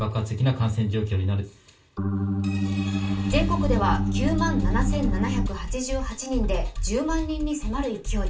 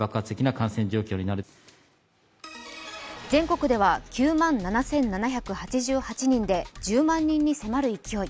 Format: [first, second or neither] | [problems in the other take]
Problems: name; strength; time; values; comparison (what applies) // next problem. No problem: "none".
second | background sound (Organ); as loud as the speech // room echo; dies away in 0.2 s